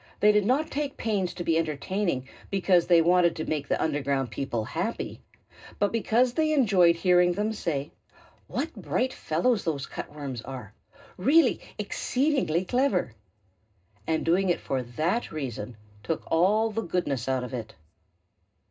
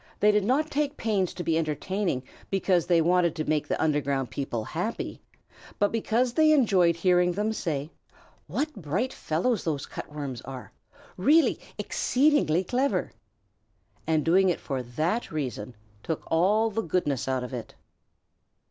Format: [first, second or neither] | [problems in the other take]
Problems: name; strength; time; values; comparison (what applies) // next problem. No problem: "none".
second | room echo; dies away in 0.2 s